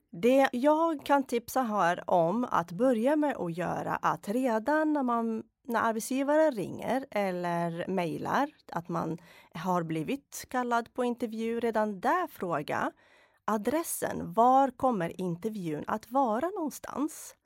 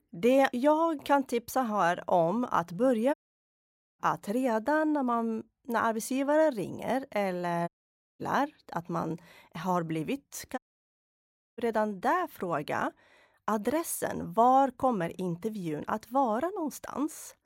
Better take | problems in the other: first | audio cutting out; at 3 s for 1 s, at 7.5 s for 0.5 s and at 11 s for 1 s

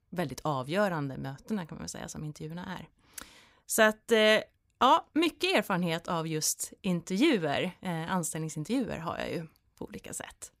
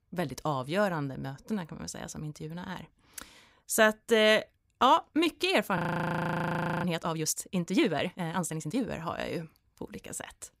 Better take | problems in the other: first | audio freezing; at 6 s for 1 s

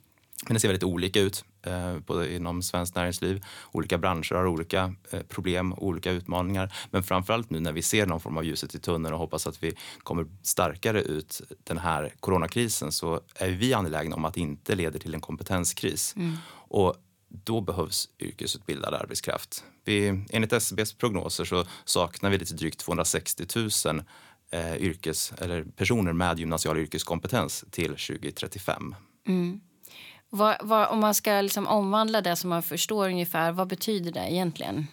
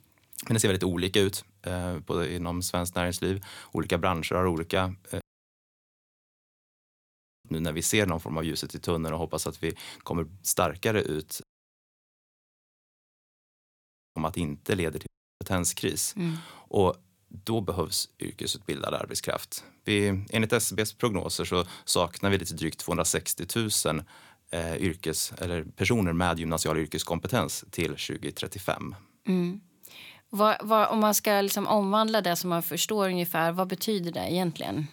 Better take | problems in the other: first | audio cutting out; at 5 s for 2 s, at 11 s for 2.5 s and at 15 s

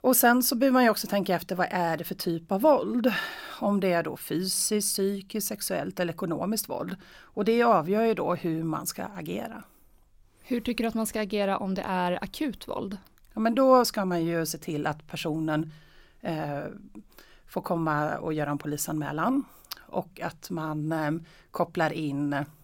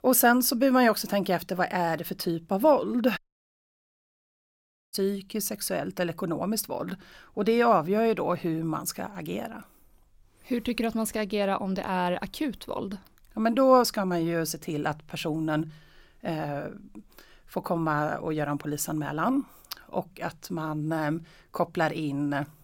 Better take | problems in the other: first | audio cutting out; at 3 s for 1.5 s

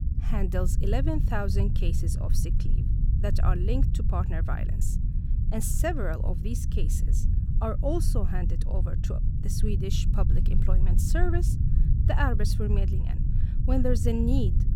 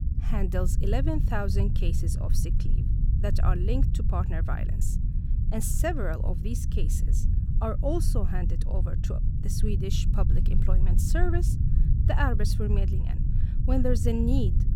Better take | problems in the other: neither | low rumble; loud; throughout; 8 dB below the speech; the same in both

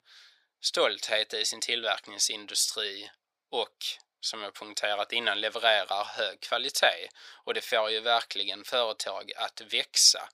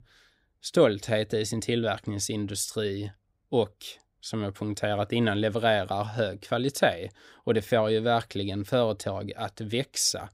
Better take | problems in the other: second | thin; very; fading below 850 Hz

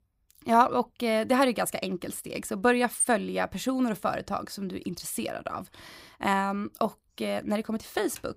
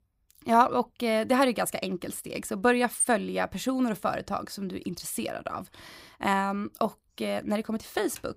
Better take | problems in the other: neither | none

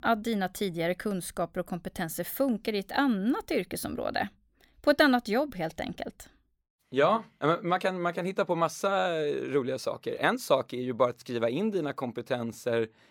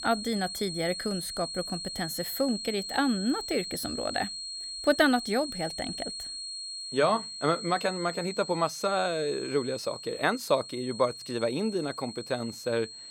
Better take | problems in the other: first | high-pitched whine; loud; throughout; 4.5 kHz, 7 dB below the speech

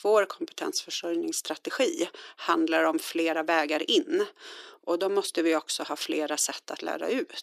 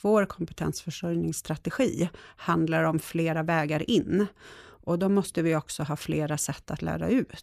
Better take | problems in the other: second | thin; very; fading below 300 Hz

